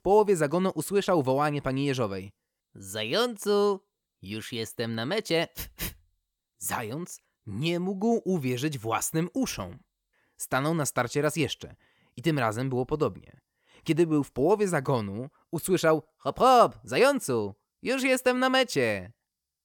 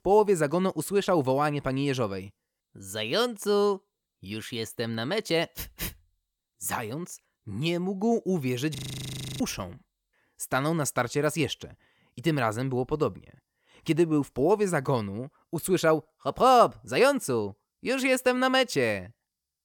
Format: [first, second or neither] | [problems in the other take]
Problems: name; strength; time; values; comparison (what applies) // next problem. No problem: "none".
first | audio freezing; at 9 s for 0.5 s